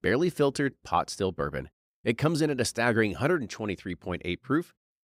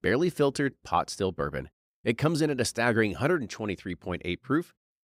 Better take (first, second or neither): neither